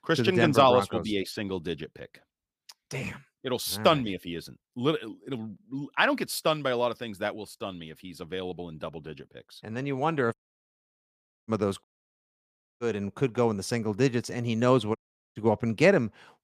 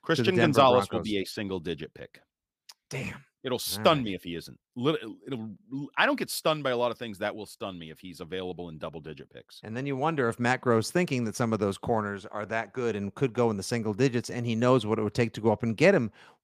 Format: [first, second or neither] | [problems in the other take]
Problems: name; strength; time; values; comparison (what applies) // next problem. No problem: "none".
second | audio cutting out; at 10 s for 1 s, at 12 s for 1 s and at 15 s